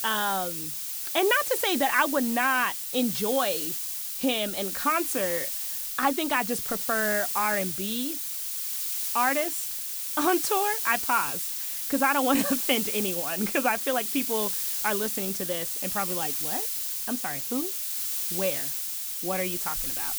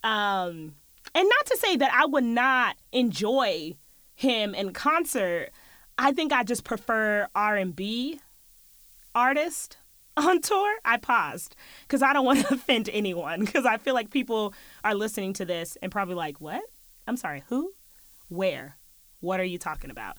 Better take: second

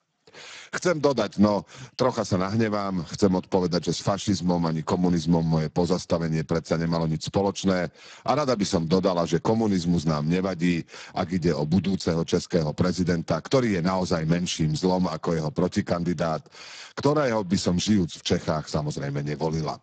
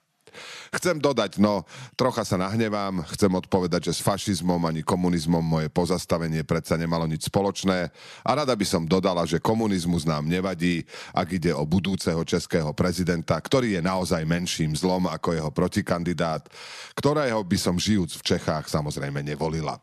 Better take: second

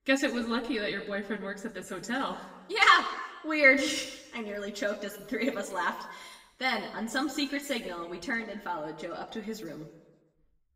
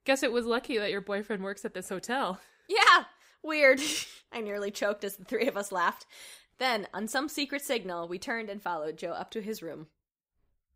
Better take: second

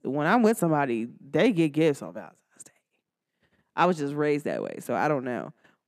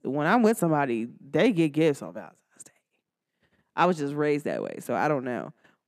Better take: neither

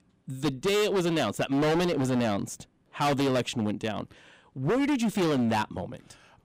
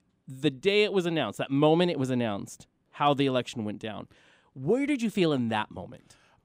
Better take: second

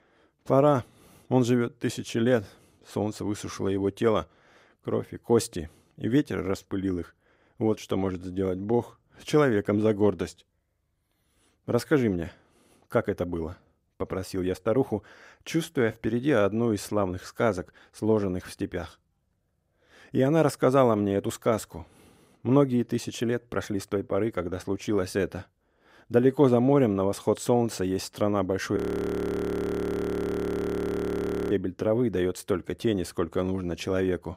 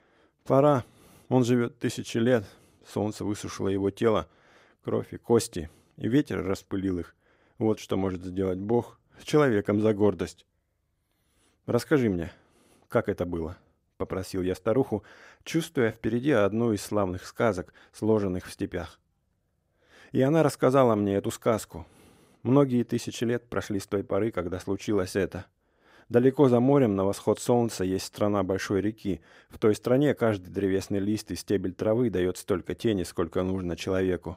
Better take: second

